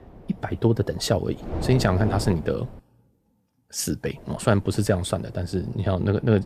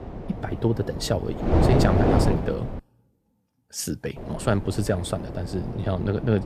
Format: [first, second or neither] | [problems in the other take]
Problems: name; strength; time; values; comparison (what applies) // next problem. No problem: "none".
first | wind noise on the microphone; heavy; until 3 s and from 4 s on; as loud as the speech; occasional gusts in the first